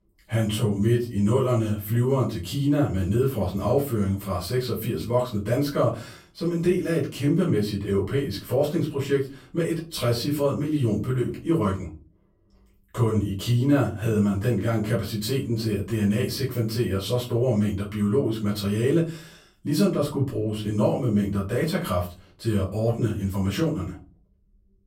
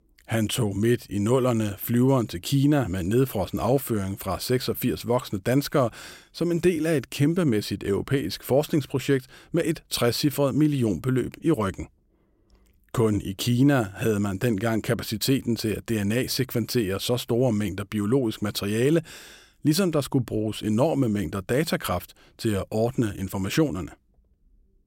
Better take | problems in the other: second | off-mic speech; far // room echo; slight; dies away in 0.3 s

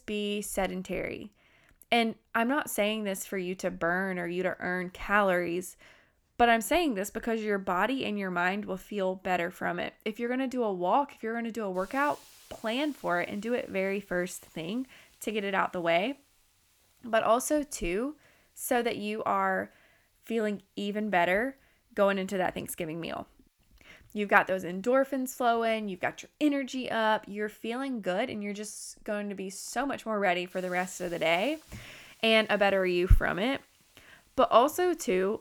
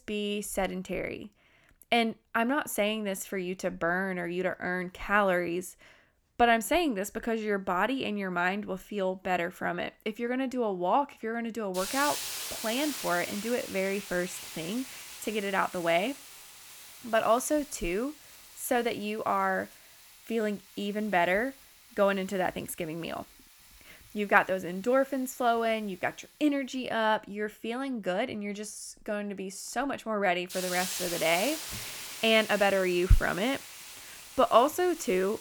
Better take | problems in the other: first | hiss; loud; from 9 s on; 9 dB below the speech; faint in the first

